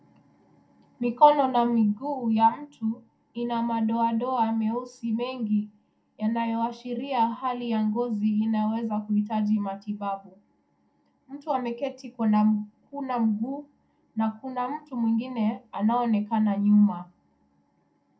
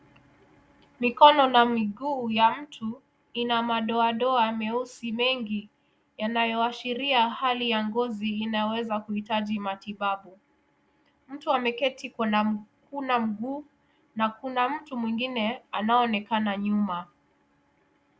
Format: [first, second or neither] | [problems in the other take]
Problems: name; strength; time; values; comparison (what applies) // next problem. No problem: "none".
second | room echo; dies away in 0.2 s